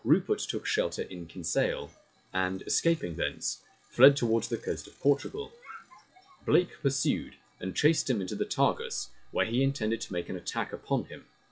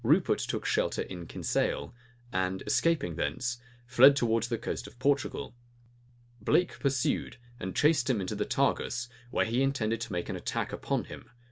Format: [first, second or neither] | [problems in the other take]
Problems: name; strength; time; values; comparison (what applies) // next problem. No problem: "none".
second | noise reduction (classical method log-MMSE)